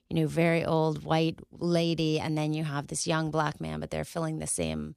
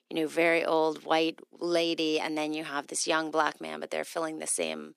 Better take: first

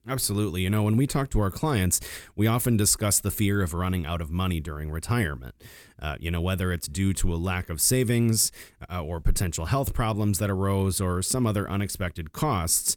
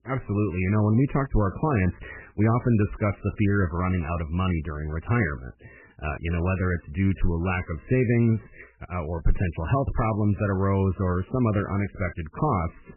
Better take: first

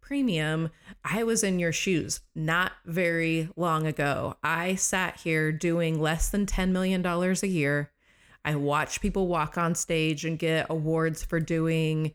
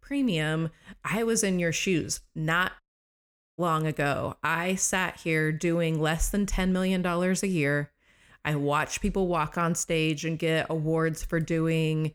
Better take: first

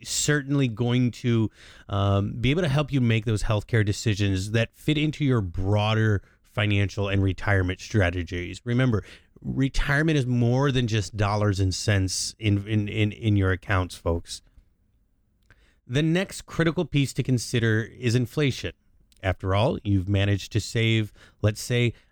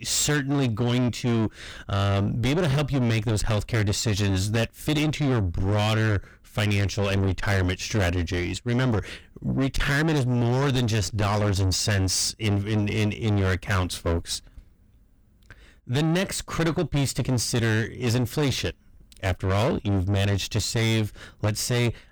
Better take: first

